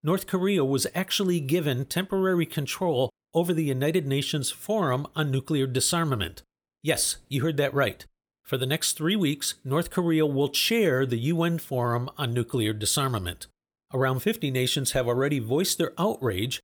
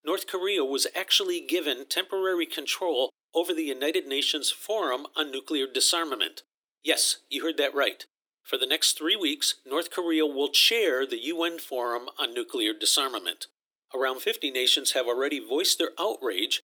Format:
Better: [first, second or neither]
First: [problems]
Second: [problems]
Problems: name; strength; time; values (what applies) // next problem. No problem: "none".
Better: first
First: none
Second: thin; somewhat; fading below 300 Hz